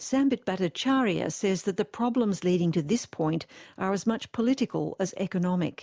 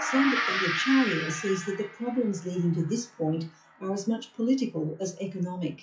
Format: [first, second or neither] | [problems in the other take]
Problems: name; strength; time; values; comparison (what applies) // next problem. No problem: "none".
first | noise reduction (classical method WPE with log-MMSE)